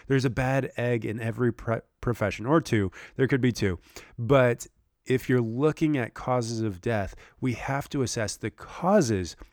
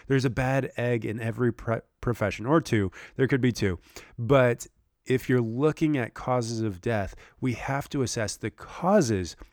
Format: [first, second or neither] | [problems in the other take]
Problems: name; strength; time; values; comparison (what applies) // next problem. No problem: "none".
neither | none